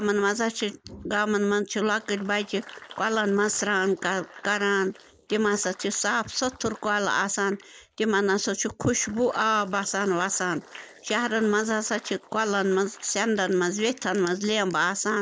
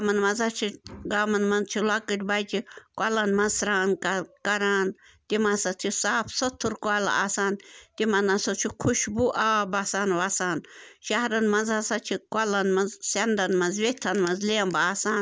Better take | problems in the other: second | noise reduction (neural mask model Resemble Enhance denoiser)

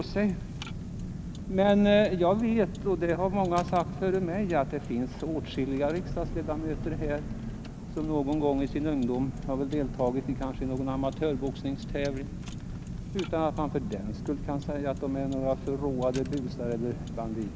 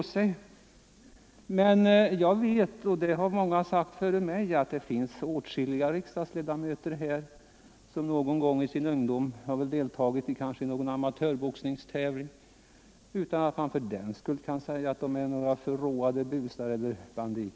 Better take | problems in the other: second | background sound (Car); 7 dB below the speech

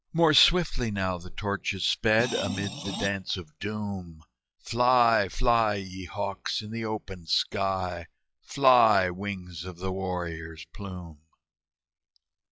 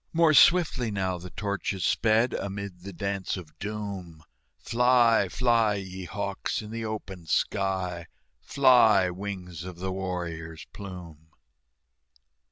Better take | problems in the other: second | noise reduction (classical method log-MMSE)

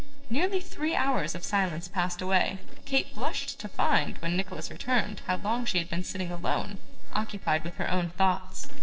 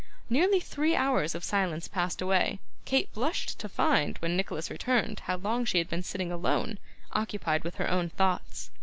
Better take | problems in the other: second | noise reduction (neural separator model SepFormer DNS4)

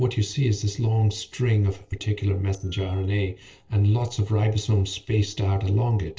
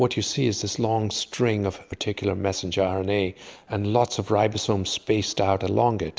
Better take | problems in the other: second | noise reduction (neural separator model SepFormer DNS4)

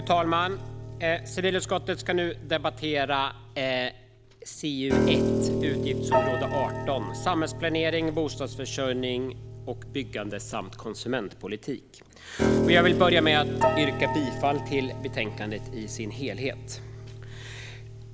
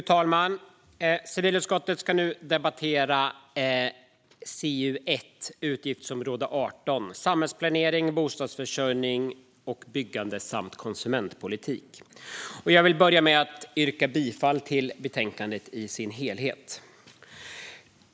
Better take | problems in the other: second | background sound (Piano); 2 dB below the speech

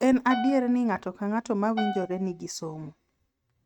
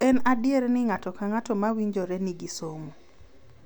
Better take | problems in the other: second | noise reduction (neural mask model RNNoise)

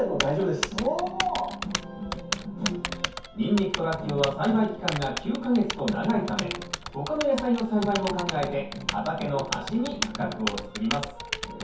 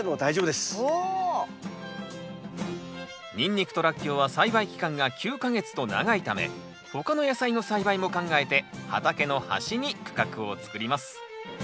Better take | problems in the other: second | background sound (Typing); 7 dB below the speech // room echo; dies away in 0.6 s

